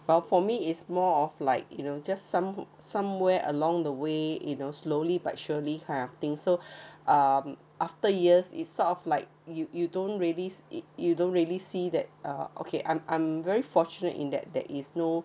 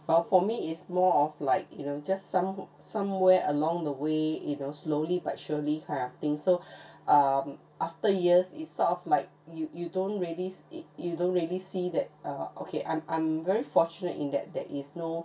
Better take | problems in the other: first | room echo; dies away in 0.2 s

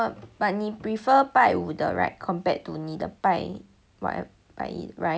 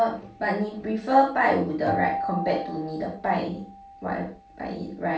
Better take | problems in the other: first | background sound (Acoustic guitar); 11 dB below the speech // room echo; dies away in 0.3 s

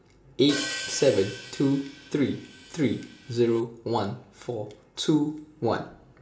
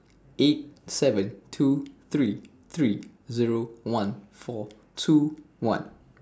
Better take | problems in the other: second | background sound (Hi-hat); 11 dB below the speech // room echo; dies away in 0.5 s

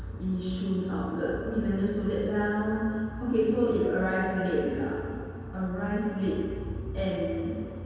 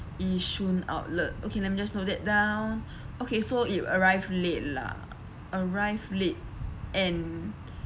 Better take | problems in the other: second | room echo; dies away in 2.2 s

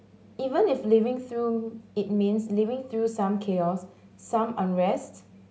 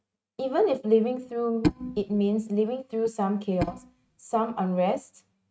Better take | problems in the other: first | noise reduction (neural mask model RNNoise)

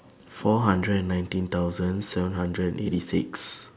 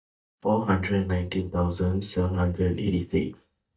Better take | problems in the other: first | noise reduction (neural mask model DeepFilterNet 3)

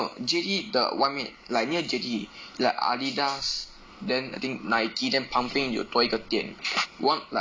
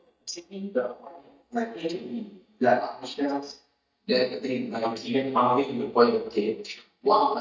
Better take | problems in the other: first | noise reduction (neural mask model DeepFilterNet 3)

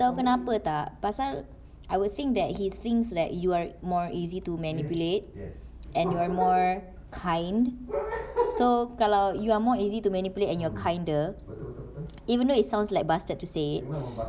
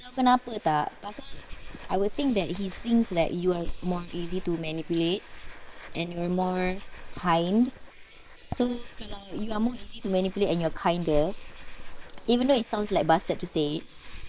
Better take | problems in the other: first | noise reduction (neural separator model SepFormer WHAM!)

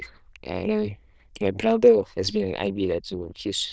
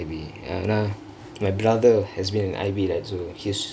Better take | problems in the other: second | noise reduction (neural diffusion model UNIVERSE++)

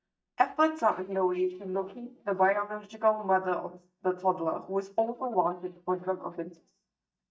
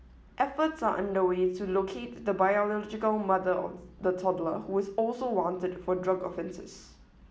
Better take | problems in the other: second | noise reduction (neural mask model DeepFilterNet 3)

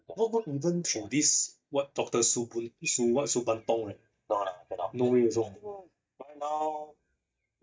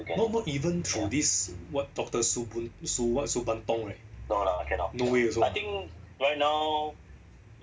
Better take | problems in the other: second | noise reduction (neural mask model DeepFilterNet 3)

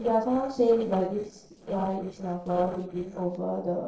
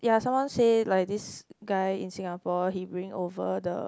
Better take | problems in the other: second | noise reduction (neural separator model SepFormer DNS4)

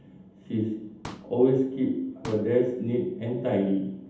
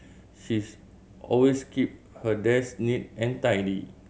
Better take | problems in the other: second | background sound (Explosion); 18 dB below the speech // room echo; dies away in 0.8 s

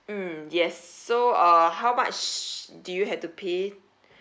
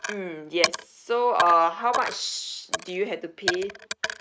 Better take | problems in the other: first | noise reduction (neural mask model RNNoise)

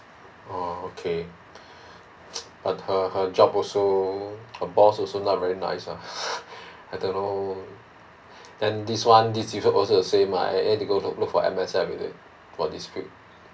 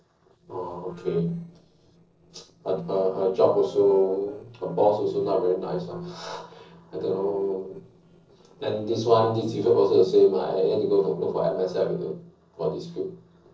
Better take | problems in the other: first | noise reduction (neural separator model SepFormer DNS4)

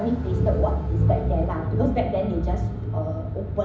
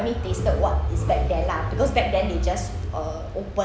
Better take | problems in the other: second | background sound (Car); 6 dB below the speech // room echo; dies away in 0.4 s

